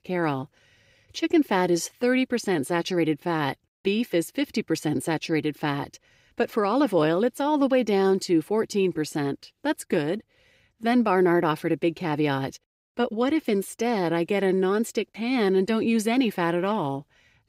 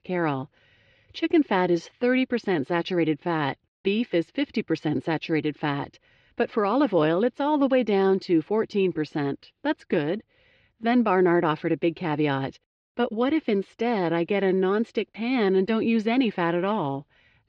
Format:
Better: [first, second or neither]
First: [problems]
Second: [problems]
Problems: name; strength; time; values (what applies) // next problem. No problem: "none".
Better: first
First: none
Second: muffled; slightly; fading above 4 kHz